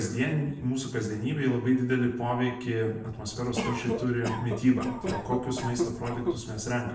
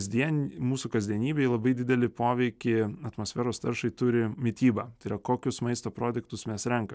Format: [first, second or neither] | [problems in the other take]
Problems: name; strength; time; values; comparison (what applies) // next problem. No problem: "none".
second | background sound (Cough); 6 dB below the speech // room echo; dies away in 0.6 s